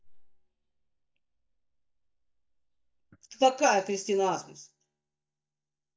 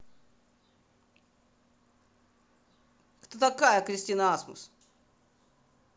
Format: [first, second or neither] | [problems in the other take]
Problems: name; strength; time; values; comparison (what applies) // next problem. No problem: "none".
second | noise reduction (neural mask model DeepFilterNet 3)